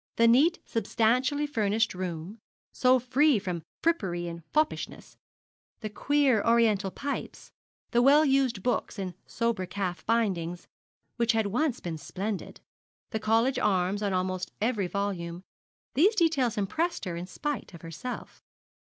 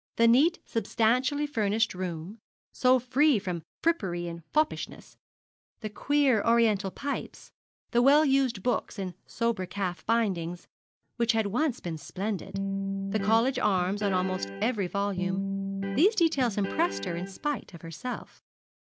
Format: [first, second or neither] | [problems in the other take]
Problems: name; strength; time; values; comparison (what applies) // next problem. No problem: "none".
first | background sound (Electric guitar); 5 dB below the speech